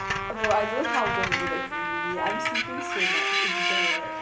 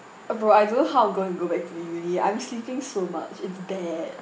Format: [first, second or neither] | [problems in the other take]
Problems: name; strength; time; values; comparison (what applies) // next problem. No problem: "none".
second | background sound (Screech + Trumpet); 5 dB above the speech